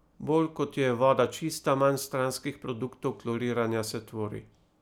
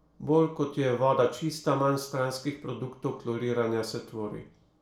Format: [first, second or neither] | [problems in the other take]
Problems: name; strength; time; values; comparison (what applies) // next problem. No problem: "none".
first | room echo; dies away in 0.4 s